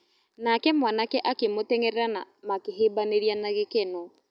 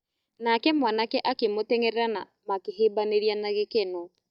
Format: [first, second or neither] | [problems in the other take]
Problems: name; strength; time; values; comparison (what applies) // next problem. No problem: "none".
first | noise reduction (neural mask model DeepFilterNet 3)